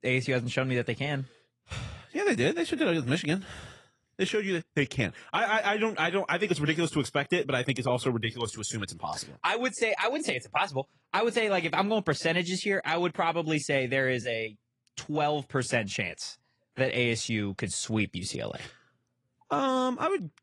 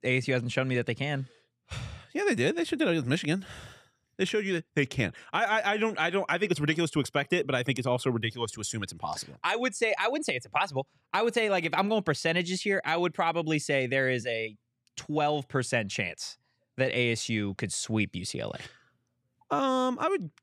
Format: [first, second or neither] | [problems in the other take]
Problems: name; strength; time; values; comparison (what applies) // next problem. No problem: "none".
second | garbled, watery; slightly